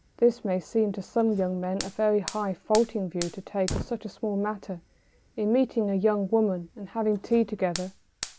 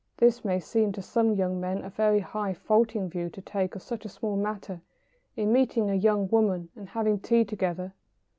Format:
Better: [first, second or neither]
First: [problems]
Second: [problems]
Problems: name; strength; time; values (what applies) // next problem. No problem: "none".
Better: second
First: background sound (Fire); 15 dB below the speech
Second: none